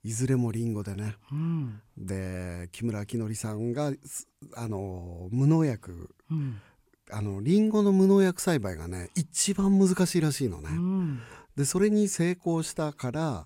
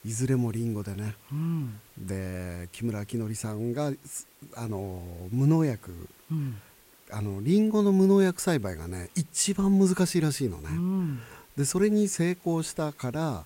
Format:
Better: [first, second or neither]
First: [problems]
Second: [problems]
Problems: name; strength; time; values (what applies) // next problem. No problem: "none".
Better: first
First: none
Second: hiss; faint; throughout; 25 dB below the speech